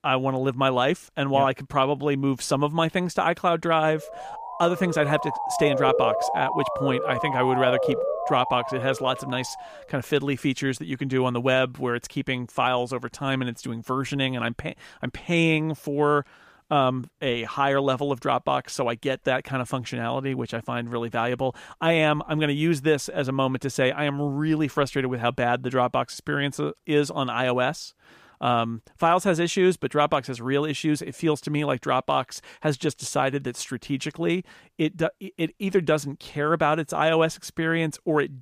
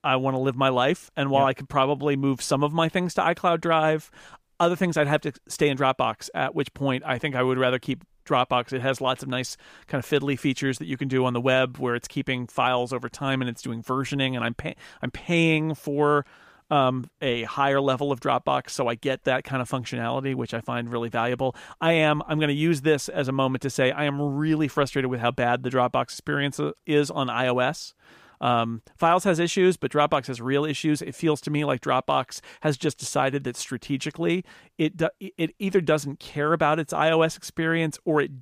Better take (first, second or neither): second